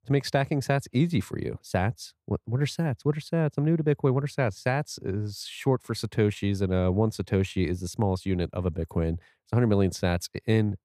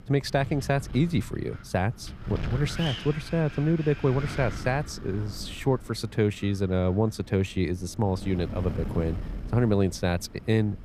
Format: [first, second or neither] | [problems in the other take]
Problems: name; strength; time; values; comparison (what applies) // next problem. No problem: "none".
first | wind noise on the microphone; occasional gusts; 10 dB below the speech